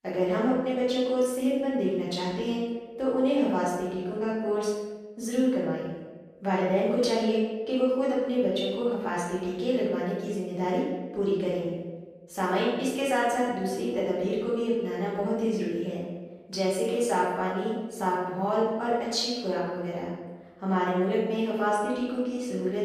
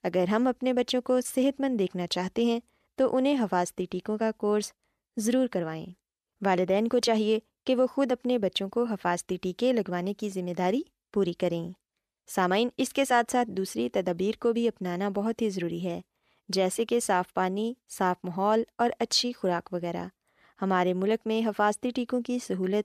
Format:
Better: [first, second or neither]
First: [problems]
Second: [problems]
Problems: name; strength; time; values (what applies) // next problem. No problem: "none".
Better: second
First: off-mic speech; far // room echo; noticeable; dies away in 1.1 s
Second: none